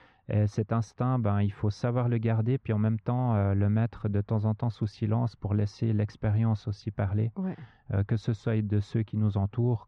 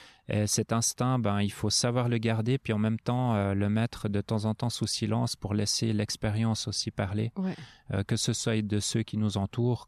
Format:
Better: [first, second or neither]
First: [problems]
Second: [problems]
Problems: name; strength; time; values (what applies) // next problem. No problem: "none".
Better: second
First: muffled; very; fading above 1.5 kHz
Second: none